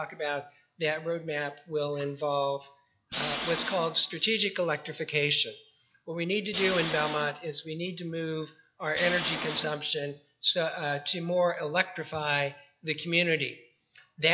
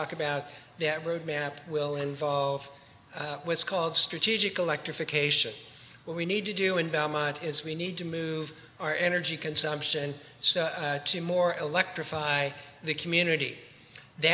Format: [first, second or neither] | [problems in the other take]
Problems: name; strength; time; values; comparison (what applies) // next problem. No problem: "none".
second | noise reduction (classical method log-MMSE)